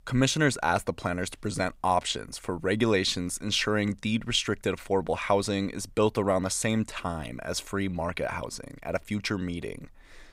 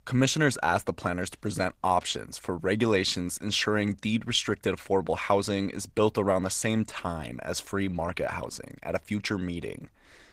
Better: first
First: none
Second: garbled, watery; slightly; nothing above 15.5 kHz

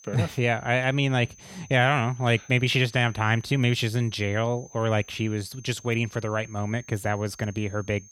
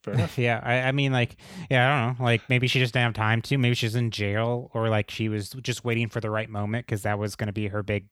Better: second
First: high-pitched whine; faint; throughout; 6 kHz, 25 dB below the speech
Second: none

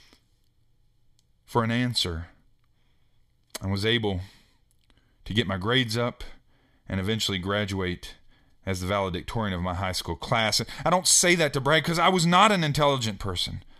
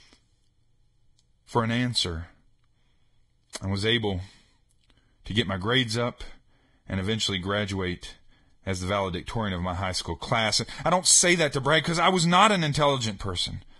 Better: first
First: none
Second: garbled, watery; badly; nothing above 10.5 kHz

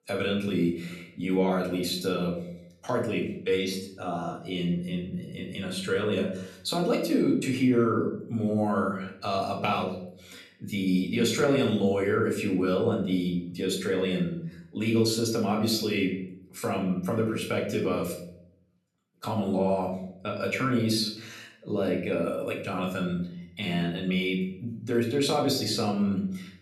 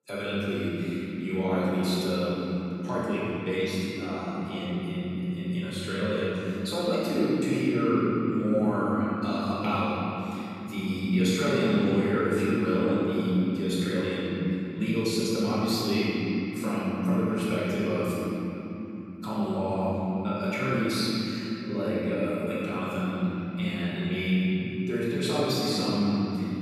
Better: first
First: room echo; slight; dies away in 0.6 s // off-mic speech; far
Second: room echo; strong; dies away in 3 s // off-mic speech; far

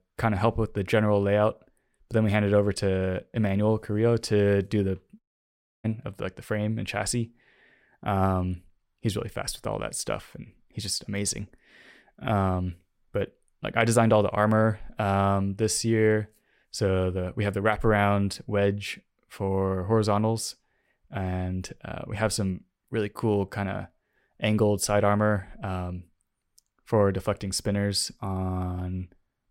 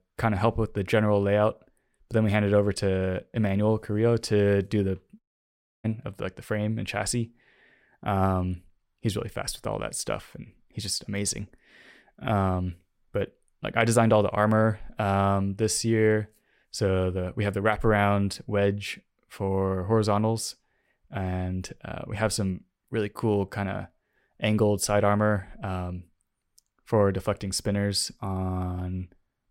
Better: neither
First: audio cutting out; at 5 s for 0.5 s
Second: audio cutting out; at 5 s for 0.5 s

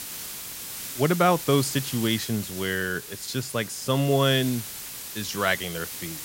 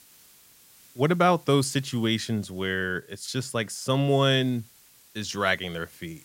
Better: second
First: hiss; loud; throughout; 9 dB below the speech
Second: hiss; faint; throughout; 25 dB below the speech

